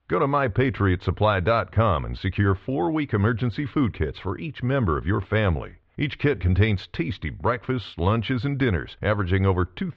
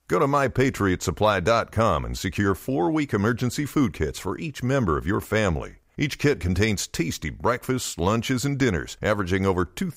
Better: second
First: muffled; very; fading above 3.5 kHz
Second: none

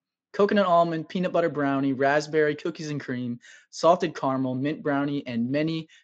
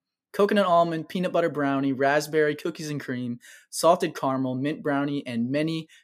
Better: second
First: garbled, watery; slightly; nothing above 7.5 kHz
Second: none

